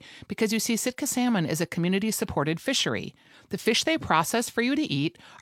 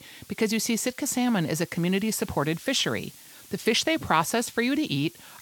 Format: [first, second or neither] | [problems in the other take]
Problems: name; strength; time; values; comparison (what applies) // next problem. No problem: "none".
first | hiss; faint; throughout; 20 dB below the speech